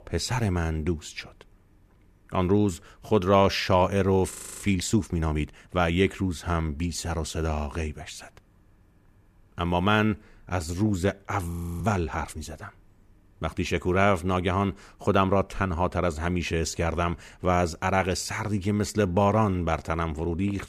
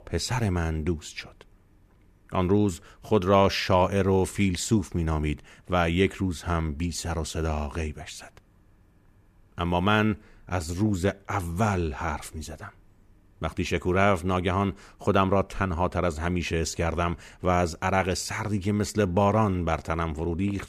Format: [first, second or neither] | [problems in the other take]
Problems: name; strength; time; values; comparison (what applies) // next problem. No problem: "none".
second | audio freezing; at 4.5 s and at 12 s